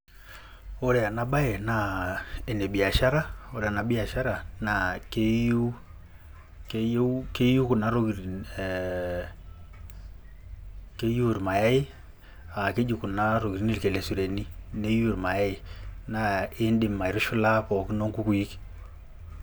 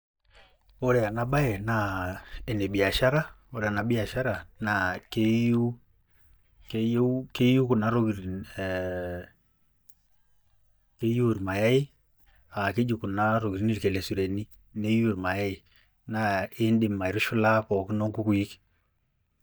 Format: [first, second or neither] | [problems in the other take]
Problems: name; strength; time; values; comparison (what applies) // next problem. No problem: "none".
first | noise reduction (neural mask model DeepFilterNet 3)